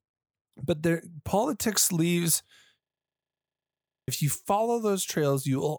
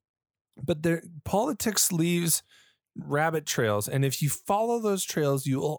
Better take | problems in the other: second | audio freezing; at 3 s for 1.5 s

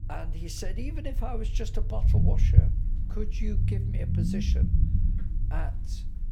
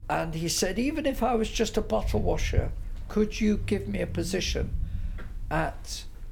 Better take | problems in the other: second | low rumble; loud; throughout; as loud as the speech; faint in the second

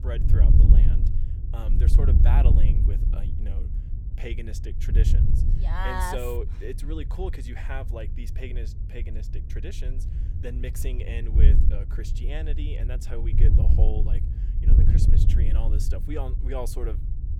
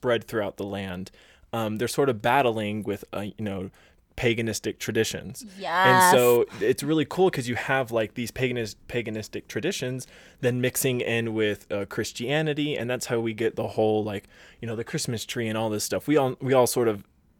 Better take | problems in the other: second | wind noise on the microphone; heavy; 4 dB below the speech

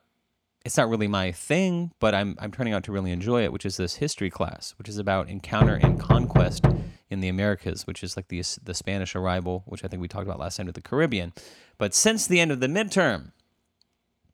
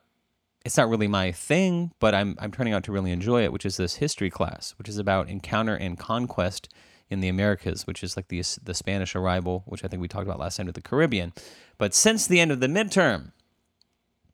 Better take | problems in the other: second | door banging; loud; from 5.5 to 7 s; peak 6 dB above the speech

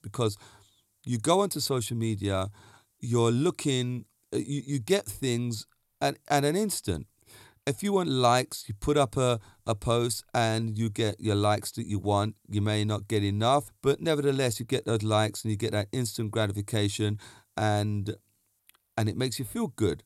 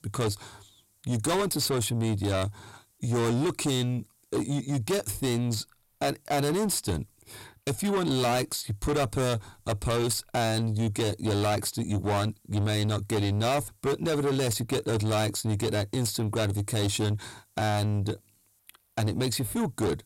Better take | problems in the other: first | distortion; heavy; 6 dB below the speech

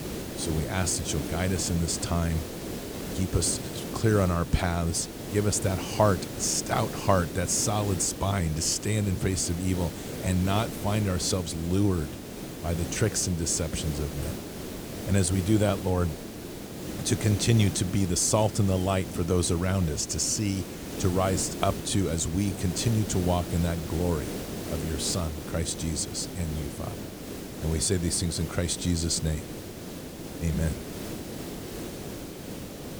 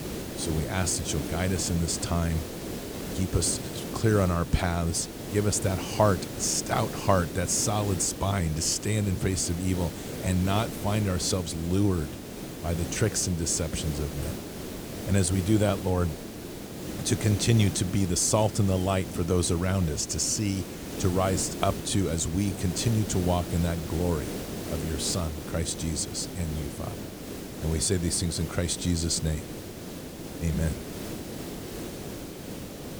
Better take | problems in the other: neither | hiss; loud; throughout; 9 dB below the speech; the same in both

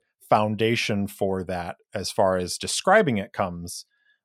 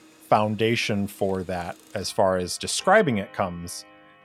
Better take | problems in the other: first | household noises; faint; throughout; 25 dB below the speech

